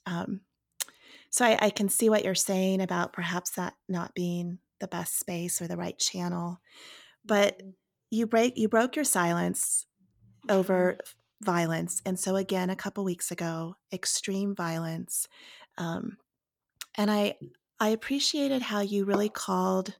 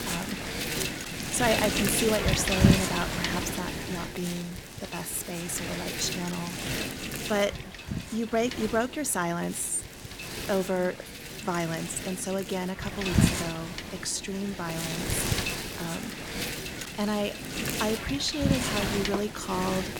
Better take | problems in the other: first | wind noise on the microphone; heavy; 1 dB below the speech

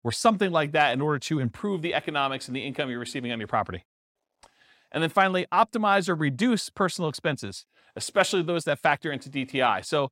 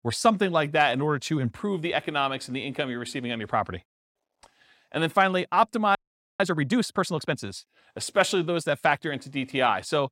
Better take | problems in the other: first | audio freezing; at 6 s

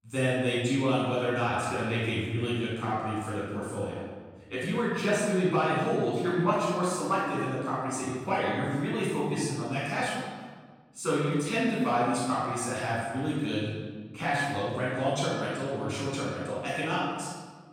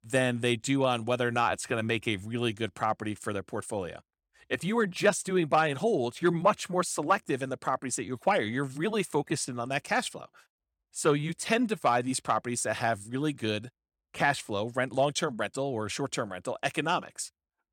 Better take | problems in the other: second | off-mic speech; far // room echo; strong; dies away in 1.4 s

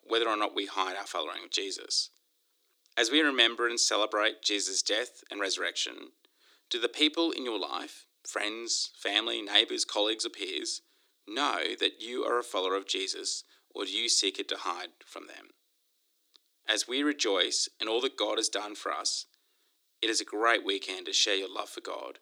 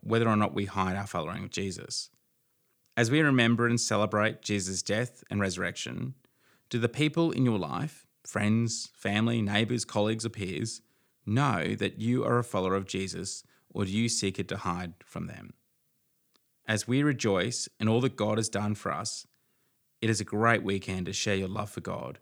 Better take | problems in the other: second | thin; somewhat; fading below 300 Hz

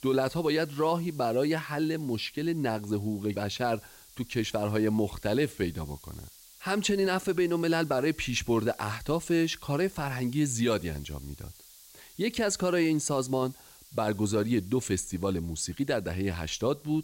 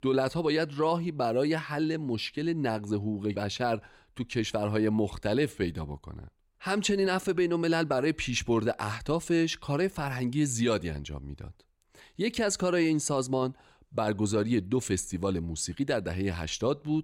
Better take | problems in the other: second | hiss; faint; throughout; 20 dB below the speech

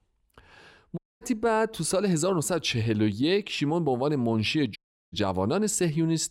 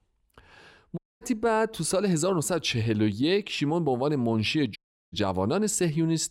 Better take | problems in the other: neither | audio cutting out; at 1 s and at 5 s; the same in both

